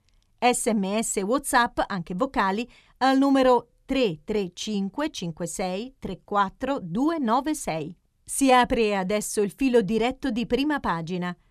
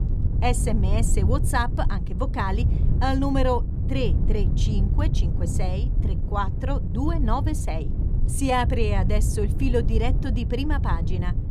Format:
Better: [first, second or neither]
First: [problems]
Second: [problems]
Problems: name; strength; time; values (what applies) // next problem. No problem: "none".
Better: first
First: none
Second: wind noise on the microphone; occasional gusts; 10 dB below the speech